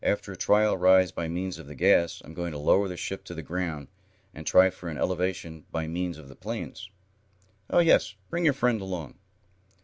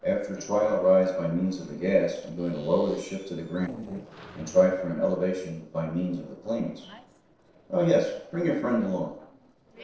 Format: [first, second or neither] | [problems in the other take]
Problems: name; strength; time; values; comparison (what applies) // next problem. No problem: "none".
first | noise reduction (neural separator model SepFormer DNS4)